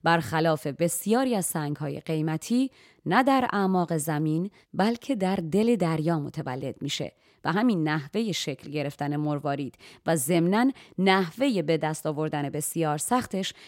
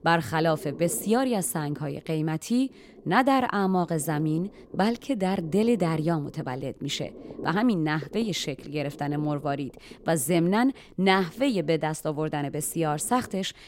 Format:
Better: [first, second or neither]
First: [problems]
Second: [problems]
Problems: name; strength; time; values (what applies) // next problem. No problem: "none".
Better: first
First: none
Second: low rumble; faint; throughout; 20 dB below the speech